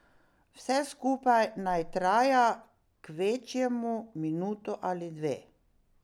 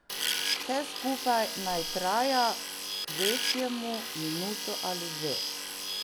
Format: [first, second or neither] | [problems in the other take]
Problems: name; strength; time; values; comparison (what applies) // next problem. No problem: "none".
first | background sound (Tools); 1 dB below the speech